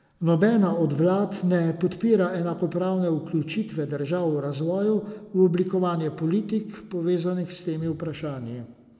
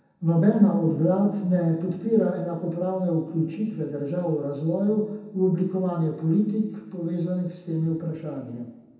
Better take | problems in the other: first | room echo; dies away in 0.7 s

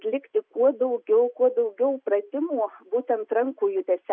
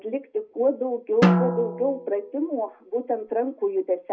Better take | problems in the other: first | background sound (Drum); as loud as the speech // room echo; dies away in 0.4 s

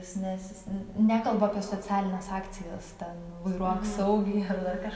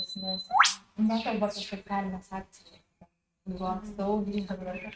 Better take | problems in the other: first | noise reduction (neural mask model RNNoise)

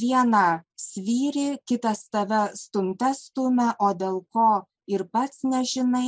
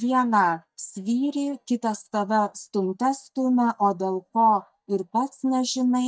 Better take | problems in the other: first | noise reduction (neural mask model DeepFilterNet 3)

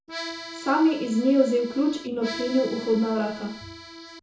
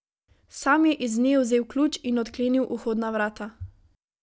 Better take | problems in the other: second | background sound (Accordion); 14 dB below the speech // room echo; dies away in 0.6 s

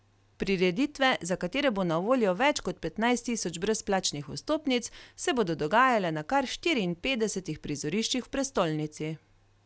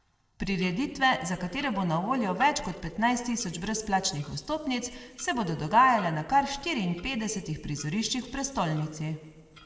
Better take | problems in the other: first | noise reduction (neural separator model SepFormer DNS4)

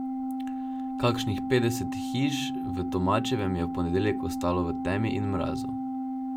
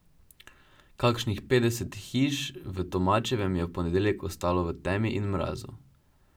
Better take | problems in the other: second | background sound (Organ); 2 dB below the speech

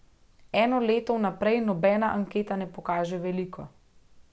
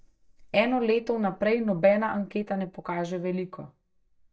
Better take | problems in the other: first | noise reduction (neural mask model DeepFilterNet 3)

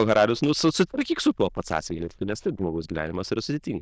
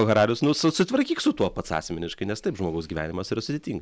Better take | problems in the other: second | noise reduction (neural diffusion model UNIVERSE++)

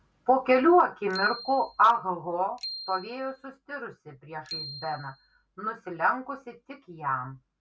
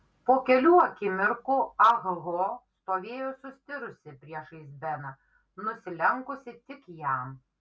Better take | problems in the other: second | background sound (Bicycle bell); 15 dB below the speech

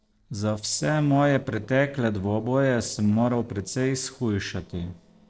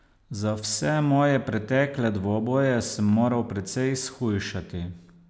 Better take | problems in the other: second | noise reduction (neural separator model SepFormer DNS4)

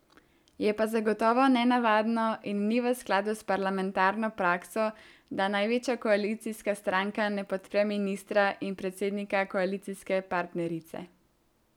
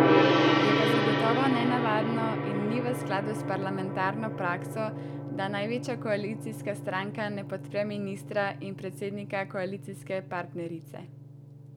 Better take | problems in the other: first | background sound (Gong); 3 dB above the speech

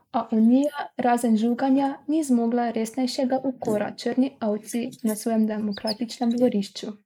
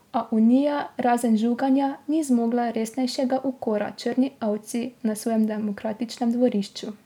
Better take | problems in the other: second | noise reduction (neural mask model Resemble Enhance denoiser)

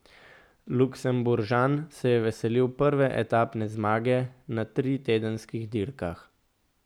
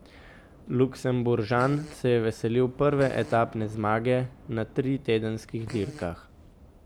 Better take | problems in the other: first | background sound (Fart + Subway, metro, underground / Train); 20 dB below the speech

